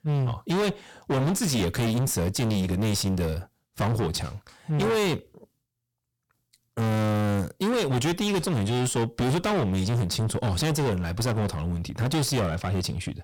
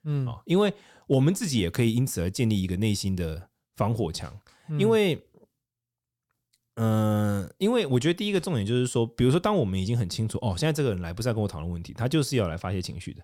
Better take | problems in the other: second | distortion; heavy; 30% of the sound clipped

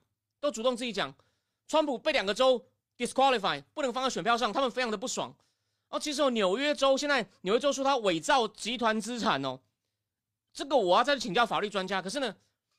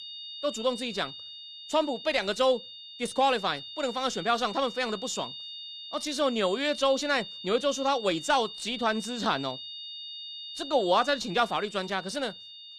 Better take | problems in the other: first | high-pitched whine; noticeable; throughout; 3.5 kHz, 10 dB below the speech

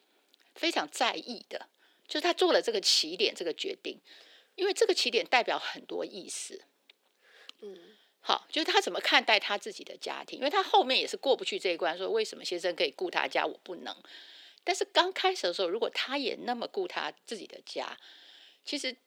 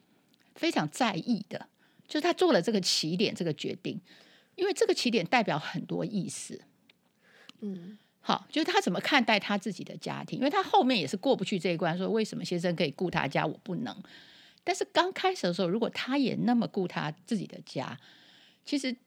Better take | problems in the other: second | thin; somewhat; fading below 400 Hz

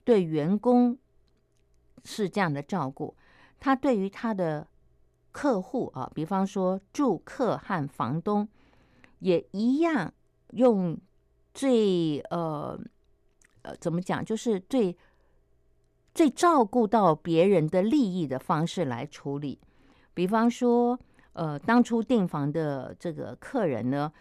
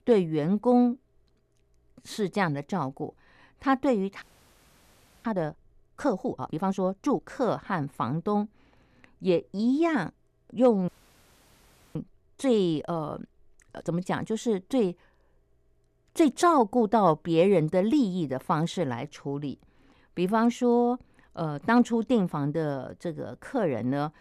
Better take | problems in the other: first | audio freezing; at 4 s for 1 s and at 11 s for 1 s

